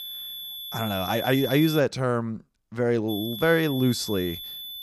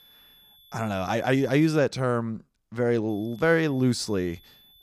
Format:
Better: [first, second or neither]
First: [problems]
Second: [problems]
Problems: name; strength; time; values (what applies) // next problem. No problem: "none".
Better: second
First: high-pitched whine; loud; until 2 s and from 3 s on; 3.5 kHz, 9 dB below the speech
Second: high-pitched whine; faint; until 2 s and from 3 s on; 3.5 kHz, 25 dB below the speech